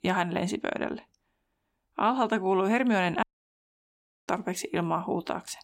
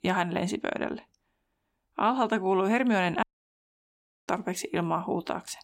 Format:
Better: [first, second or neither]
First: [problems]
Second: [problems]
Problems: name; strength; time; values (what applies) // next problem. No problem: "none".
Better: neither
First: audio cutting out; at 3 s for 1 s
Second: audio cutting out; at 3 s for 1 s